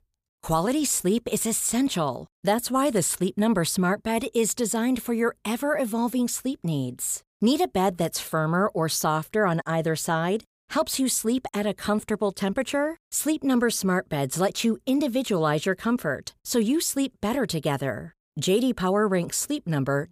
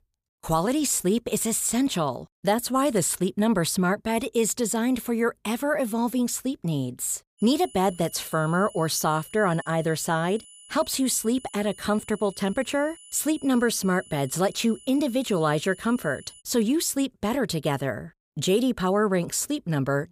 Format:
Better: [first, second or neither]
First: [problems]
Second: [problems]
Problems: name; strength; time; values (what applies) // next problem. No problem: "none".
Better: first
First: none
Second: high-pitched whine; faint; from 7.5 to 16 s; 10 kHz, 20 dB below the speech